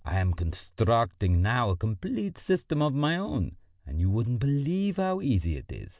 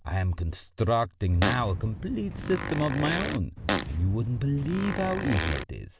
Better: first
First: none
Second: background sound (Fart); 5 dB below the speech

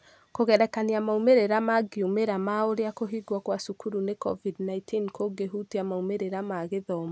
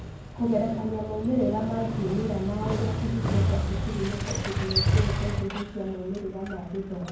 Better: first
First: none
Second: background sound (Motorcycle); 1 dB above the speech // room echo; dies away in 0.9 s

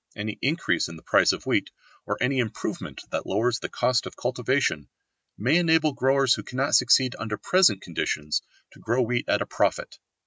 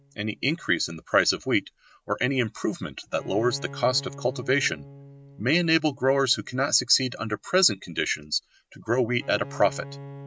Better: first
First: none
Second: background sound (Bowed string instrument); 18 dB below the speech

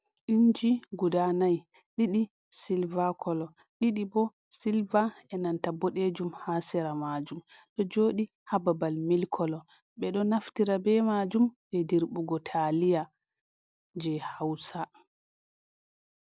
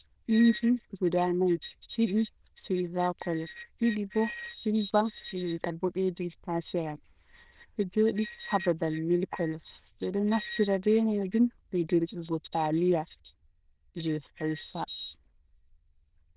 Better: first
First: none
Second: noise reduction (neural diffusion model UNIVERSE++)

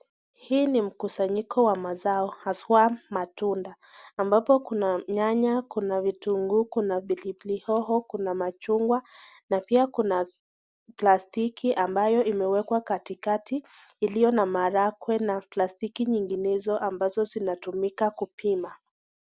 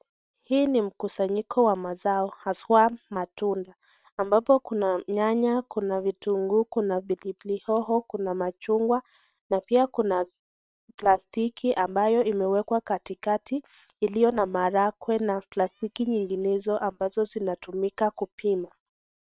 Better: first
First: none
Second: noise reduction (neural separator model SepFormer WHAM!)

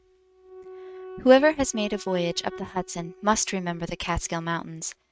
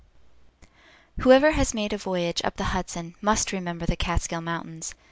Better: second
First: noise reduction (neural mask model RNNoise)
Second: none

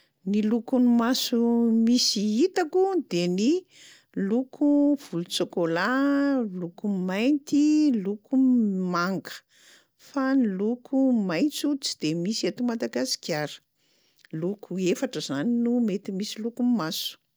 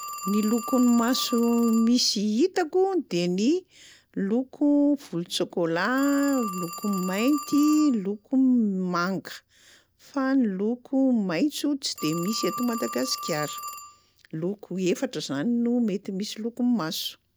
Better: first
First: none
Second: background sound (Telephone); 15 dB below the speech

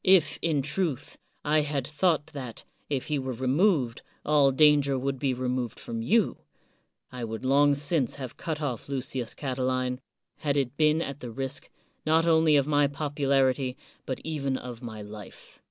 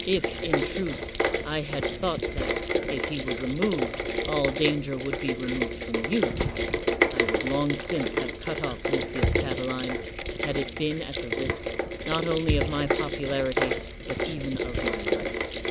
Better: first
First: none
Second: background sound (Rain + Thump, thud); 2 dB above the speech

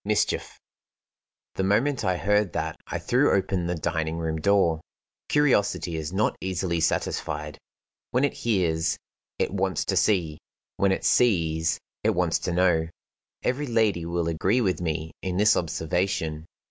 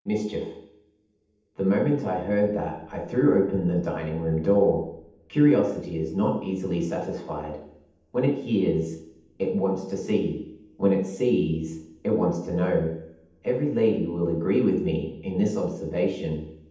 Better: first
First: none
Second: room echo; dies away in 0.8 s

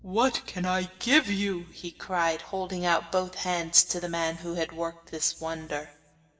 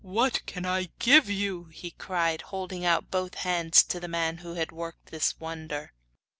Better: second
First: room echo; dies away in 2 s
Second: none

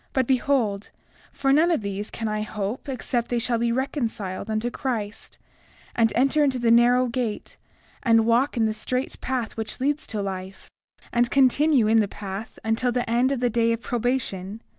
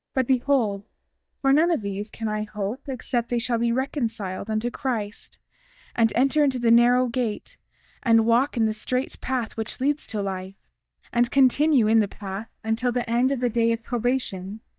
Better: first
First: none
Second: noise reduction (neural mask model DeepFilterNet 3)

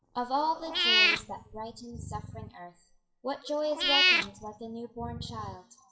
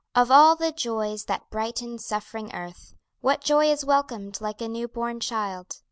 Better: second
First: noise reduction (classical method WPE with log-MMSE)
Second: none

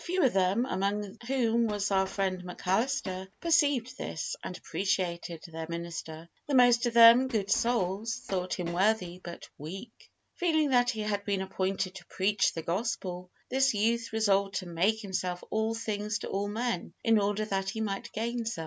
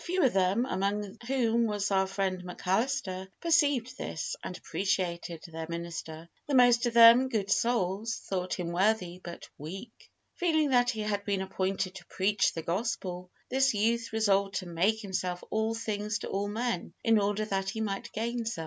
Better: second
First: background sound (Train); 18 dB below the speech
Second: none

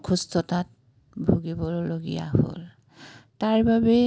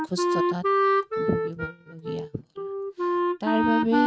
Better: first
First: none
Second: noise reduction (neural mask model RNNoise)

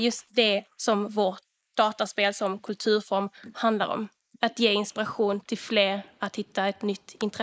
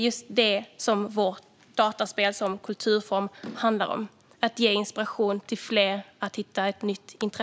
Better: second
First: noise reduction (neural mask model Resemble Enhance denoiser)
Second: none

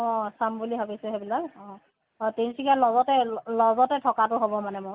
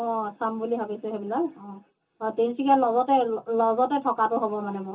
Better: first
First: none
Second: room echo; dies away in 0.2 s

